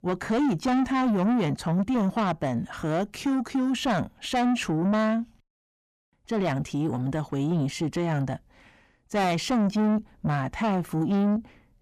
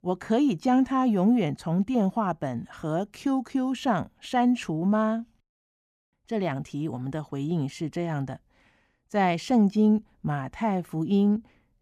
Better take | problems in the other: second | distortion; heavy; 8 dB below the speech

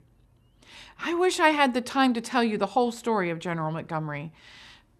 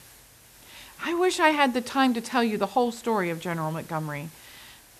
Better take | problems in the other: first | hiss; faint; throughout; 25 dB below the speech

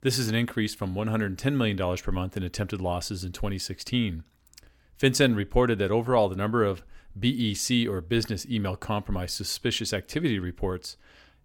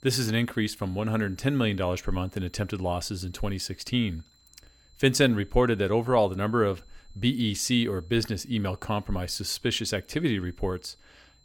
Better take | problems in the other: first | high-pitched whine; faint; throughout; 4 kHz, 35 dB below the speech

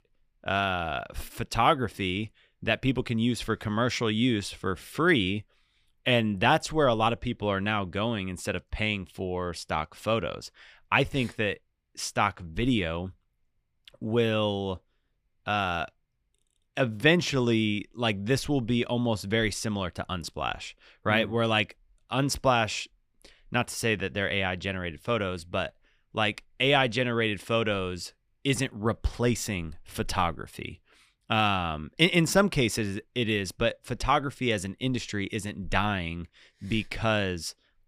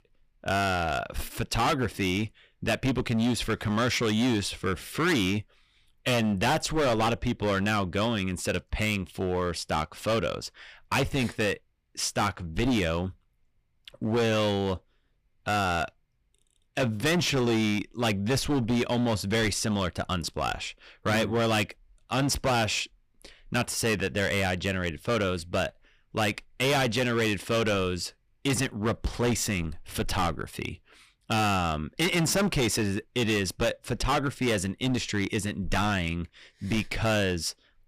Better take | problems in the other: first | distortion; heavy; 13% of the sound clipped

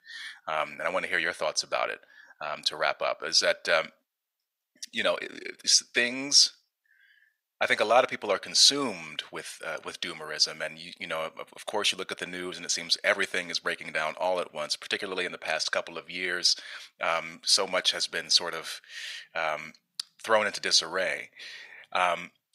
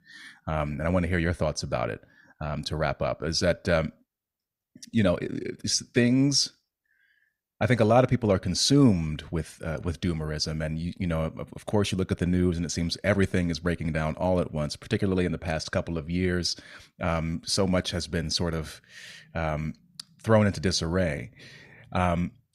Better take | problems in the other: second | thin; very; fading below 750 Hz

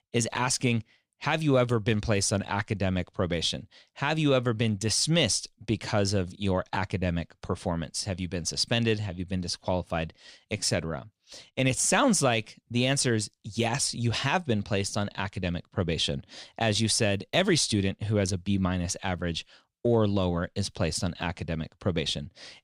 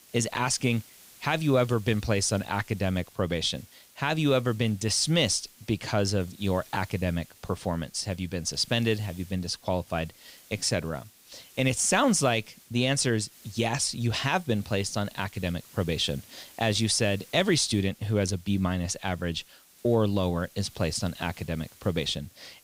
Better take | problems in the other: first | hiss; faint; throughout; 25 dB below the speech

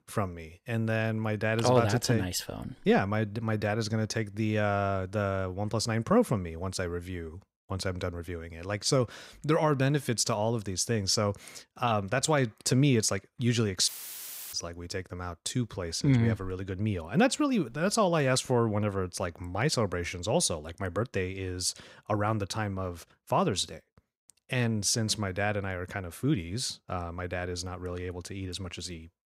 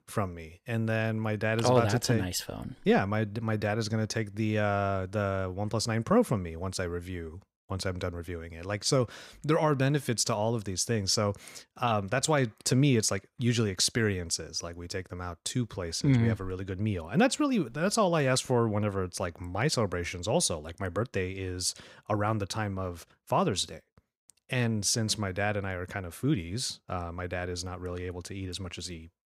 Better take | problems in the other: second | audio cutting out; filled with static; at 14 s for 0.5 s

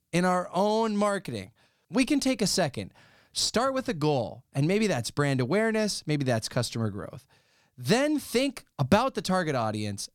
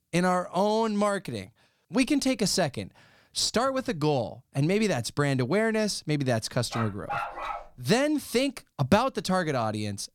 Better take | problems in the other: first | dog barking; noticeable; from 6.5 to 8 s; peak 5 dB below the speech

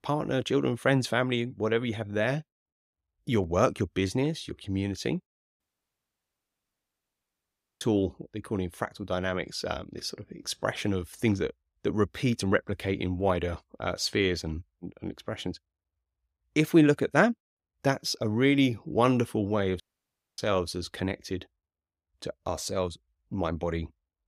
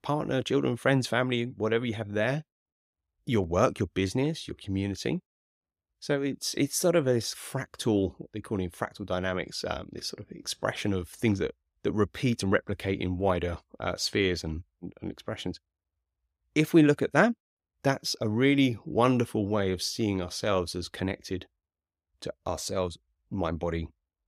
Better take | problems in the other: second | audio cutting out; at 5.5 s for 2 s and at 20 s for 0.5 s

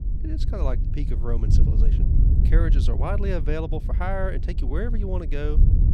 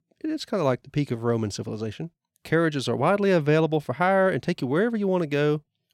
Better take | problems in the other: second | wind noise on the microphone; heavy; 8 dB below the speech

